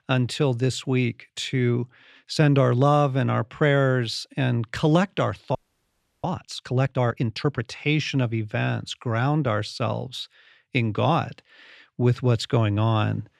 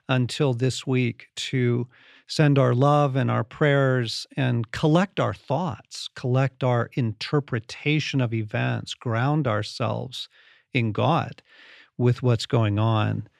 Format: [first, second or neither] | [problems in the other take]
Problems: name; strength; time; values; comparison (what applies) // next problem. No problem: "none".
second | audio freezing; at 5.5 s for 0.5 s